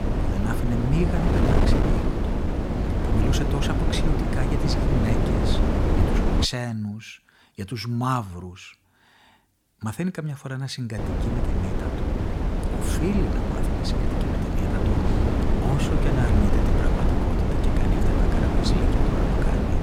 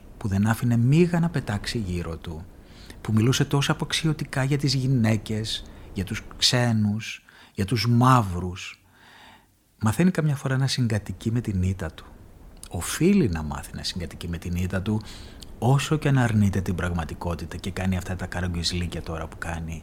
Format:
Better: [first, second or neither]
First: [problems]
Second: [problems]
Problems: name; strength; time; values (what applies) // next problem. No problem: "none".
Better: second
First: wind noise on the microphone; heavy; until 6.5 s and from 11 s on; 4 dB above the speech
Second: wind noise on the microphone; occasional gusts; until 6.5 s and from 11 s on; 25 dB below the speech